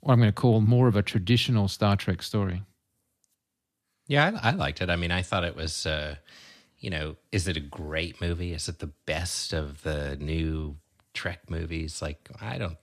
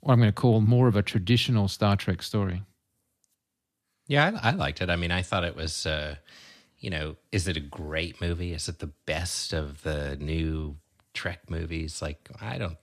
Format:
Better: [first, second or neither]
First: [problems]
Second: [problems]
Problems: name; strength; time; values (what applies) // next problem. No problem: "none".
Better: neither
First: none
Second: none